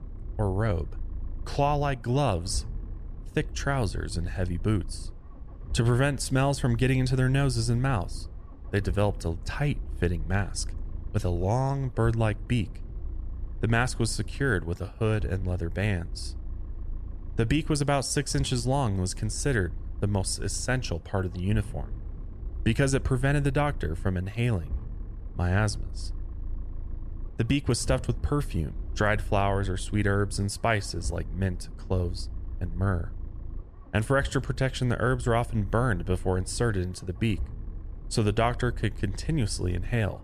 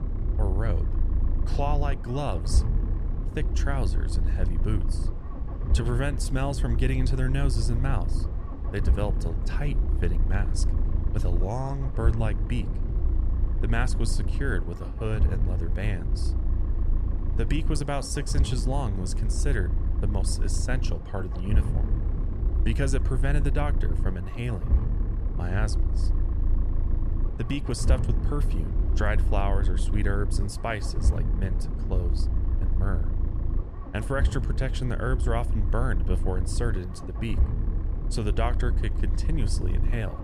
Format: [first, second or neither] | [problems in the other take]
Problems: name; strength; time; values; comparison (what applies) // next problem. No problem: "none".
first | low rumble; loud; throughout; 8 dB below the speech; faint in the first